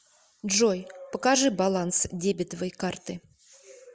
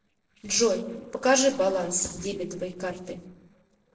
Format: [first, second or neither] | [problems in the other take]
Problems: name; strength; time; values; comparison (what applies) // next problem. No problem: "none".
first | noise reduction (neural separator model SepFormer DNS4)